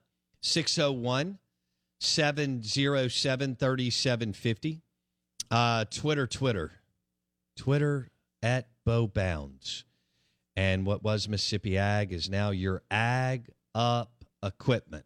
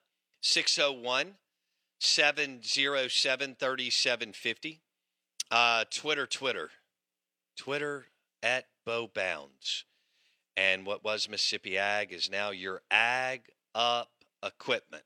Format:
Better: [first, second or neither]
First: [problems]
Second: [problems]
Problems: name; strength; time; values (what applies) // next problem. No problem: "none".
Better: first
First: none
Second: thin; very; fading below 500 Hz